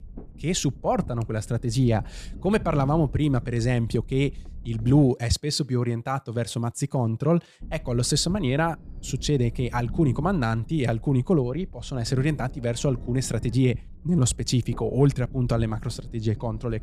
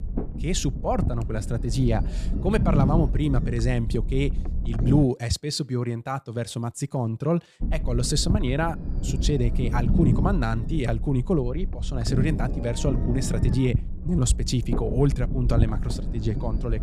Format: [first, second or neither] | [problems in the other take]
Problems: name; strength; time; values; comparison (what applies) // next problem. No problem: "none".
first | low rumble; loud; until 5 s and from 7.5 s on; 8 dB below the speech; faint in the first